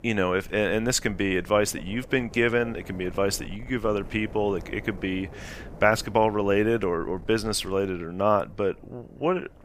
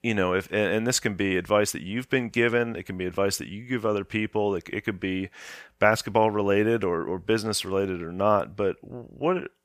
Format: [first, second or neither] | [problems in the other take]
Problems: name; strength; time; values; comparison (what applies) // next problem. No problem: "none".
second | wind noise on the microphone; occasional gusts; 25 dB below the speech